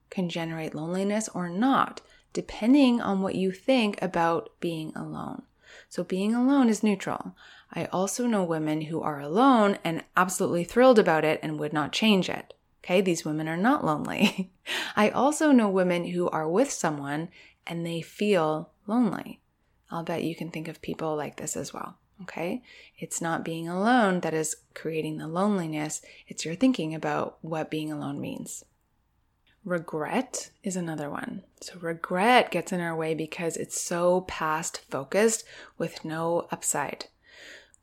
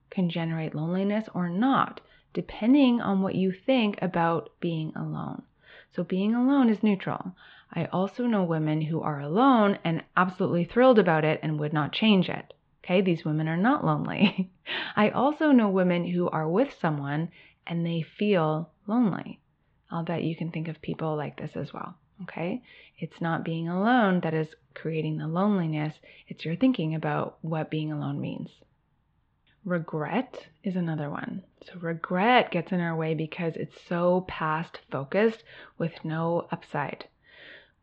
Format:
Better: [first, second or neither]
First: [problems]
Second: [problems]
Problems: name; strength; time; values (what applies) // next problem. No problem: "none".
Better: first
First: none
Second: muffled; very; fading above 3.5 kHz